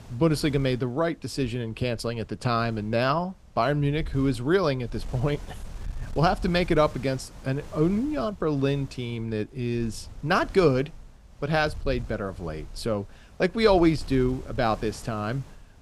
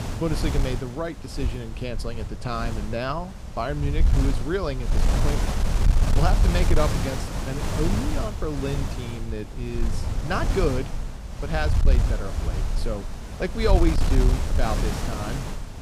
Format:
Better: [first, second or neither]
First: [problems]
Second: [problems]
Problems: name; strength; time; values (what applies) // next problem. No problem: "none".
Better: first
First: wind noise on the microphone; occasional gusts; 25 dB below the speech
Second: wind noise on the microphone; heavy; 4 dB below the speech